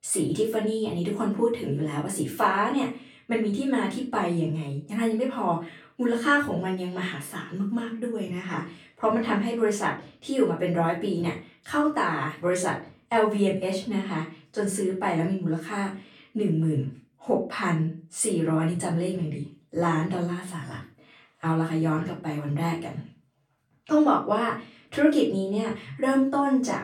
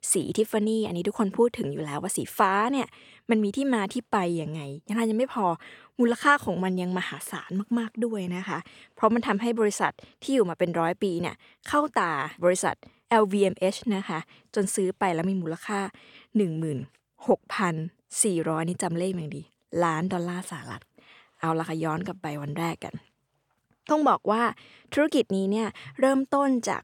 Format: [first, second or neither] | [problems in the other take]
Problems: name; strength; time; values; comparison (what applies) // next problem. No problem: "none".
second | off-mic speech; far // room echo; slight; dies away in 0.3 s